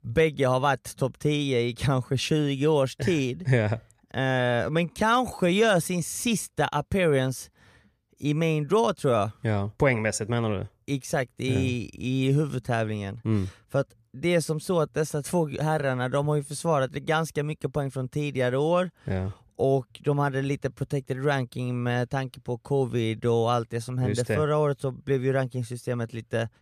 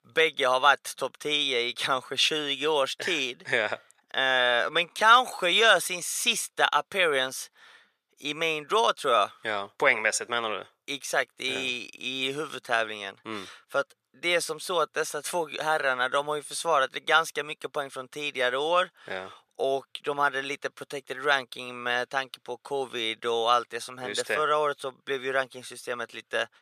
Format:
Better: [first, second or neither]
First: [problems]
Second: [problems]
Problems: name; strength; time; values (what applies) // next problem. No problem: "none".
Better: first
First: none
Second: thin; very; fading below 600 Hz